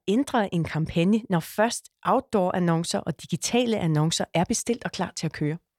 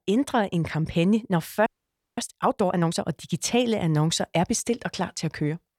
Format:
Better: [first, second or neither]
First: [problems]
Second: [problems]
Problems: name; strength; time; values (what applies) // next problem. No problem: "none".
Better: first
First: none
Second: audio freezing; at 1.5 s for 0.5 s